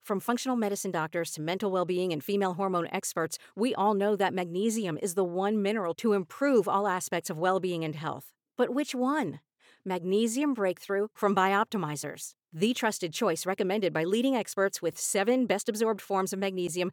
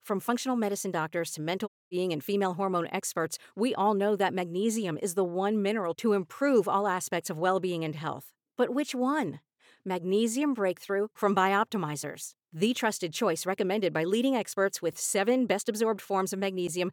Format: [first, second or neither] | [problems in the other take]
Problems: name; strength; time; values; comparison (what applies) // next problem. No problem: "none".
first | audio cutting out; at 1.5 s